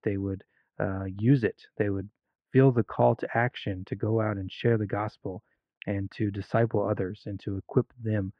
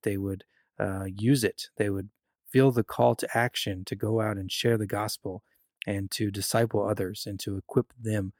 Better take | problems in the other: second | muffled; very; fading above 2.5 kHz

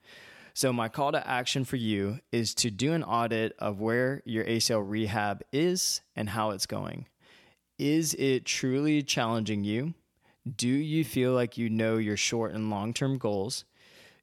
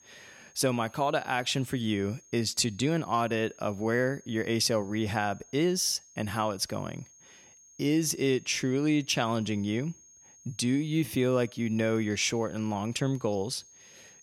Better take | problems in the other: first | high-pitched whine; faint; throughout; 6.5 kHz, 25 dB below the speech

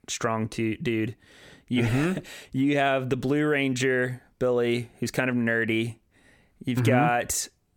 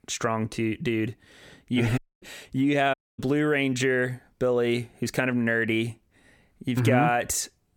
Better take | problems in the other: first | audio cutting out; at 2 s and at 3 s

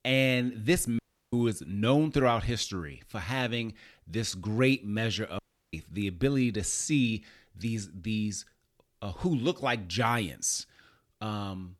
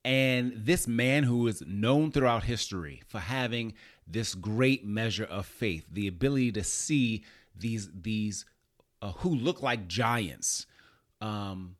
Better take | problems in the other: second | audio cutting out; at 1 s and at 5.5 s

